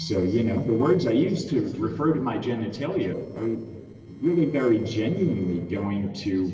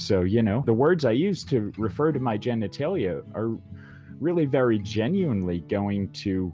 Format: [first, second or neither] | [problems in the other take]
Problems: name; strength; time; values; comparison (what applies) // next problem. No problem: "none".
second | noise reduction (neural separator model SepFormer DNS4)